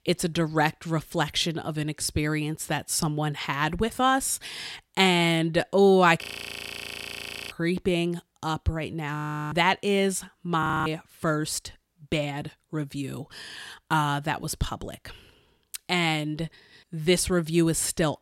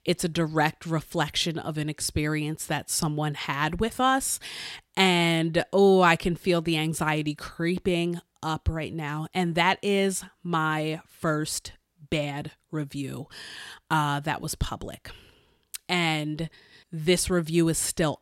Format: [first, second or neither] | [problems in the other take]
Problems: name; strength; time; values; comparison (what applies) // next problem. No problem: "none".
second | audio freezing; at 6 s for 1.5 s, at 9 s and at 11 s